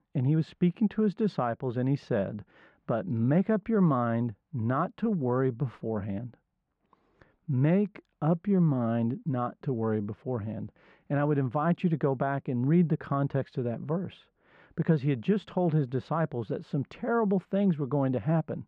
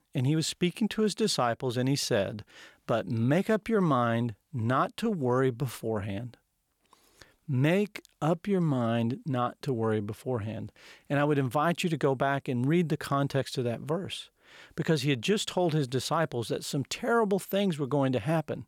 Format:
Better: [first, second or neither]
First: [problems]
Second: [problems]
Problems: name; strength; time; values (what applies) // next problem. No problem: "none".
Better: second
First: muffled; very; fading above 1.5 kHz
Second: none